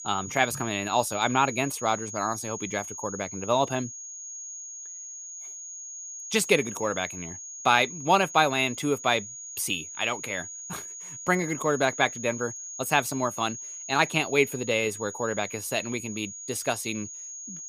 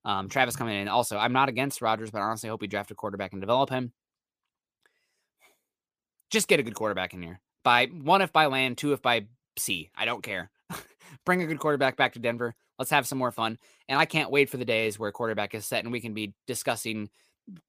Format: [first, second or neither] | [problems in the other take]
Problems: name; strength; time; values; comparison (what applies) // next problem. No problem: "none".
second | high-pitched whine; loud; throughout; 6.5 kHz, 10 dB below the speech